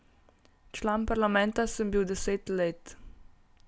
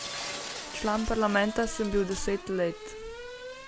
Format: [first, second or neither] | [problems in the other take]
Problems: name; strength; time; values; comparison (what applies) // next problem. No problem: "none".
first | background sound (Race car, auto racing / Accelerating, revving, vroom + Shatter); 10 dB below the speech